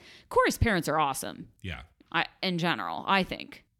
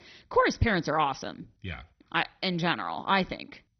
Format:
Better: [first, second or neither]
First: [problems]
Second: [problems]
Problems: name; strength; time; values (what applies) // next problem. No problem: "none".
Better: first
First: none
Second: garbled, watery; badly; nothing above 6 kHz